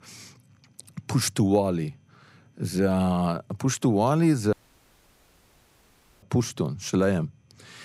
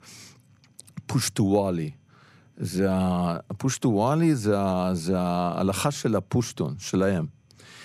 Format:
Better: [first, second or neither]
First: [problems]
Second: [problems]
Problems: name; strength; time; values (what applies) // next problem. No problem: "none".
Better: second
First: audio cutting out; at 4.5 s for 1.5 s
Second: none